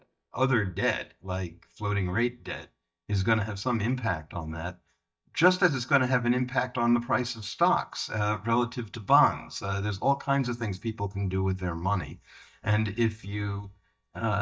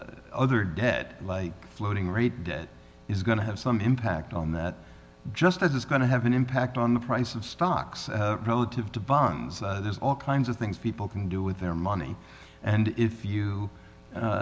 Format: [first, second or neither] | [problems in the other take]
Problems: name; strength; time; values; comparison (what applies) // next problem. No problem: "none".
second | noise reduction (neural mask model DeepFilterNet 3)